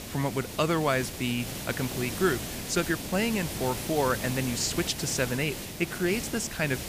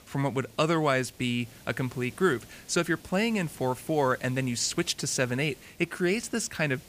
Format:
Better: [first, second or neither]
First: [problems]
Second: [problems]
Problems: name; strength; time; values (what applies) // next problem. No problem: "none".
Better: second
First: hiss; loud; throughout; 6 dB below the speech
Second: hiss; faint; throughout; 20 dB below the speech